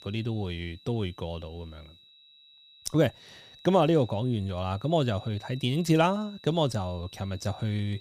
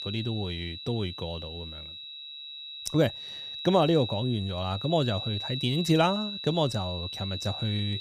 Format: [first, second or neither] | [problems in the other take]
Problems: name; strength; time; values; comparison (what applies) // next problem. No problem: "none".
first | high-pitched whine; loud; throughout; 4 kHz, 7 dB below the speech; faint in the first